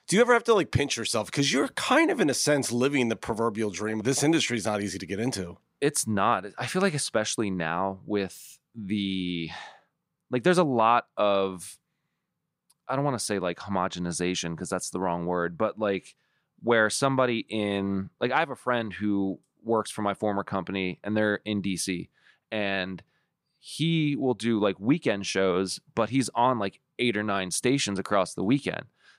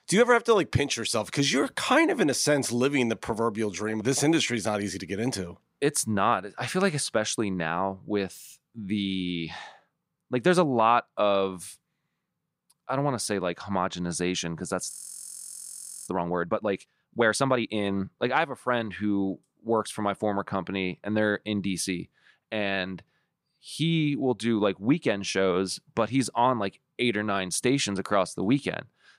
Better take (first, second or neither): first